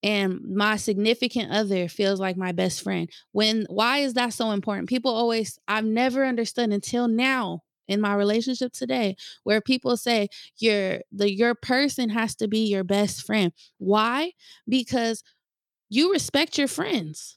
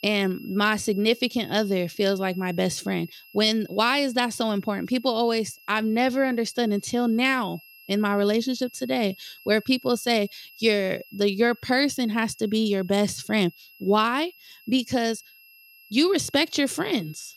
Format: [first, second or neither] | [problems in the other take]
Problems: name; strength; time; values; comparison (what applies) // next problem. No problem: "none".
first | high-pitched whine; faint; throughout; 2.5 kHz, 25 dB below the speech